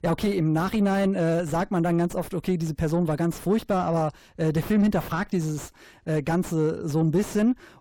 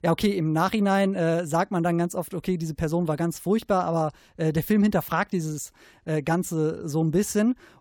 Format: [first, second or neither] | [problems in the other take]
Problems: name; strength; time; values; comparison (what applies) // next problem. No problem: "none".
second | distortion; slight; 8 dB below the speech